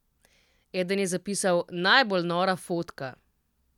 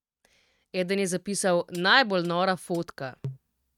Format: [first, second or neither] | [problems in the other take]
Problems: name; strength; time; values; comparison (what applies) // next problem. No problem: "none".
first | noise reduction (neural mask model RNNoise)